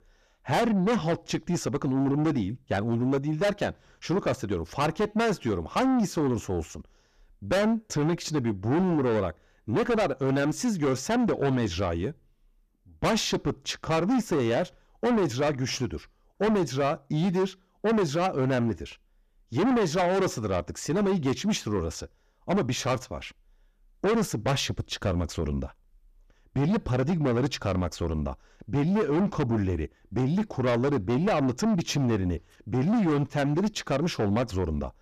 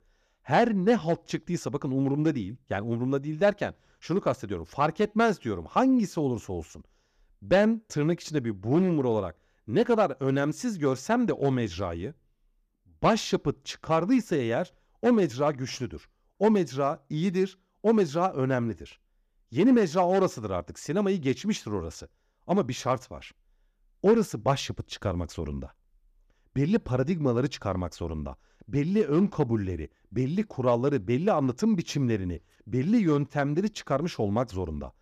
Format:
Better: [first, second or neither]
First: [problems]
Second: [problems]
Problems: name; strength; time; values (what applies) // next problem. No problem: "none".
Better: second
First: distortion; heavy; 7 dB below the speech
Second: none